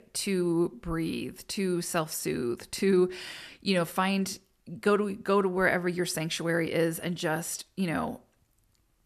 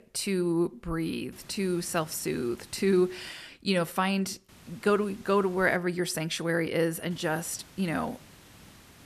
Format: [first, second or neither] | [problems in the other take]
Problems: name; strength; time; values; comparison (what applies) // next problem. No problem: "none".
first | hiss; faint; from 1.5 to 3.5 s, from 4.5 to 6 s and from 7 s on; 25 dB below the speech